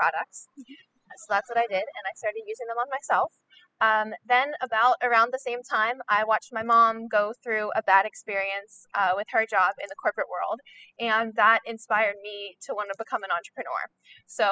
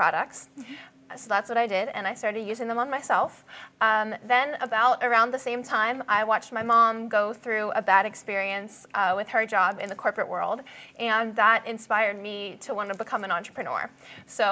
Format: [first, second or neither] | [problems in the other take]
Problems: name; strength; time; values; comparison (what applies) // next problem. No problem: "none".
second | noise reduction (classical method spectral subtraction)